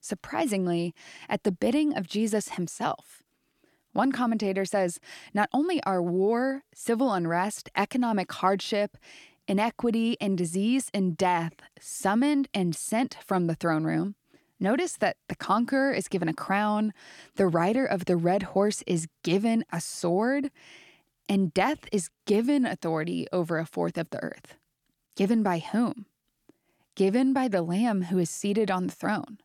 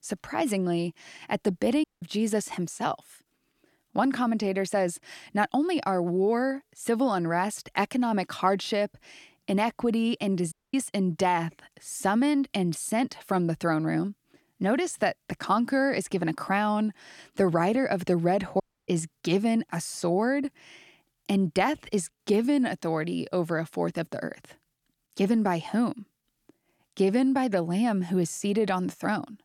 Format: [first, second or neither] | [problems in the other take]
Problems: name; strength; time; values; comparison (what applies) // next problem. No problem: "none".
first | audio cutting out; at 2 s, at 11 s and at 19 s